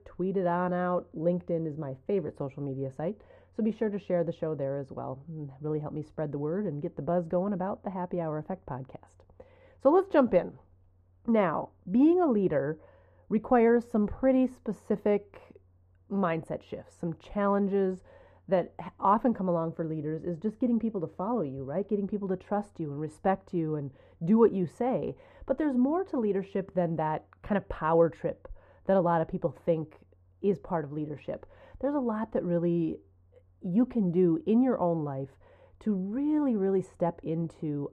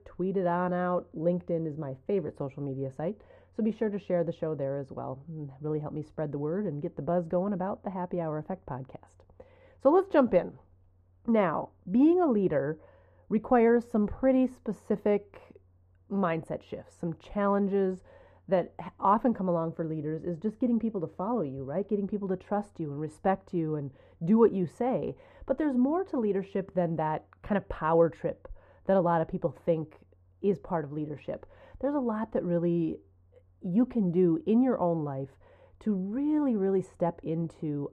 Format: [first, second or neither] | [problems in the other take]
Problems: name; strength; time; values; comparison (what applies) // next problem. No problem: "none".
neither | muffled; very; fading above 2 kHz; the same in both